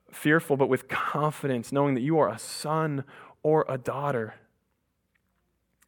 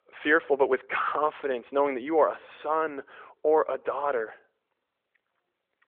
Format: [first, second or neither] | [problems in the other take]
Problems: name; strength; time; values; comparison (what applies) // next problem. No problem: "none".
first | phone-call audio